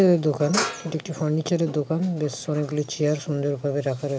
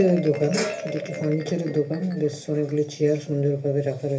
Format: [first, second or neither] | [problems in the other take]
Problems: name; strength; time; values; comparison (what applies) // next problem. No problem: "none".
first | background sound (Marimba, xylophone); 14 dB below the speech // room echo; dies away in 0.3 s